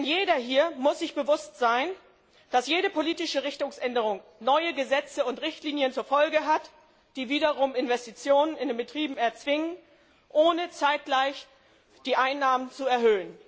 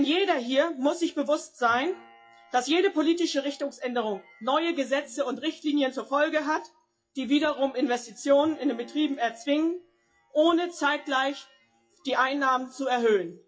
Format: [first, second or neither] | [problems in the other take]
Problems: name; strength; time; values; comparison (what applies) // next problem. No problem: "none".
first | noise reduction (classical method WPE with log-MMSE)